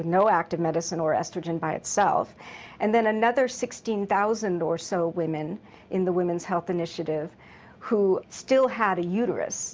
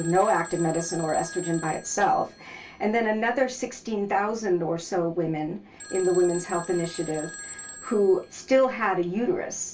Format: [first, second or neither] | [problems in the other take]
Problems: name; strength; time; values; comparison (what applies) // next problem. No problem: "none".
first | background sound (Telephone); 16 dB below the speech // room echo; dies away in 0.2 s